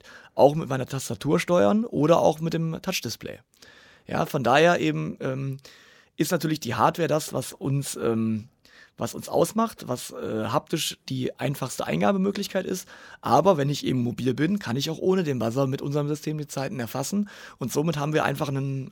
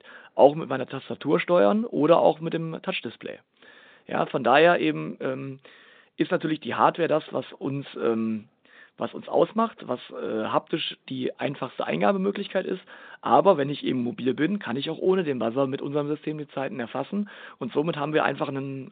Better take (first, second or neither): first